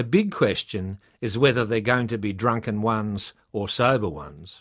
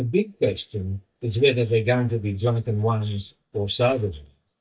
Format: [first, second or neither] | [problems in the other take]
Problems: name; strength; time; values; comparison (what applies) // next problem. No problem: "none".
first | noise reduction (neural mask model DeepFilterNet 3)